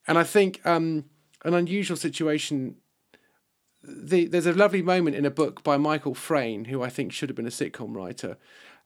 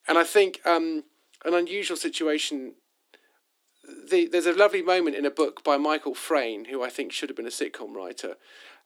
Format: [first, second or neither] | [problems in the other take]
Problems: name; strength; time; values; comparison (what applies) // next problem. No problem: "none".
first | thin; somewhat; fading below 300 Hz